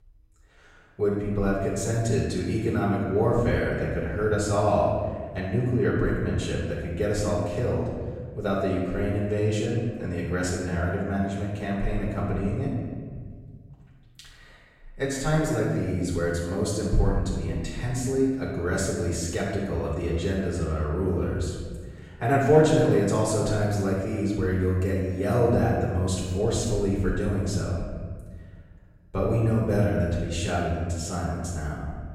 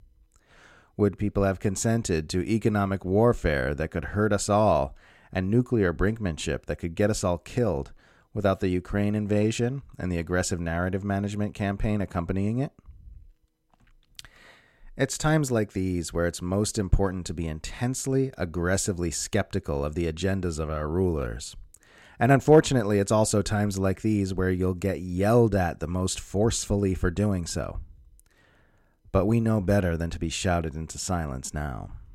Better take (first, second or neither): second